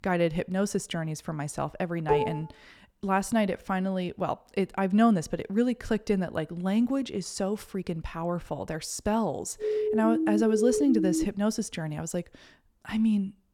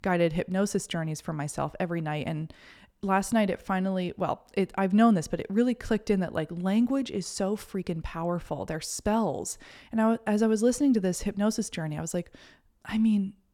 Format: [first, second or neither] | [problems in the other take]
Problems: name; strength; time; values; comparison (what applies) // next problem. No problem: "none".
second | clattering dishes; loud; at 2 s; peak 1 dB above the speech // siren; loud; from 9.5 to 11 s; peak 1 dB above the speech